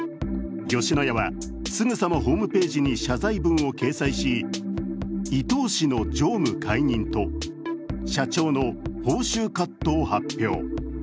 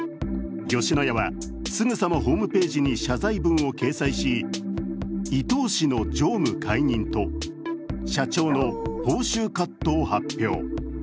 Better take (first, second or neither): first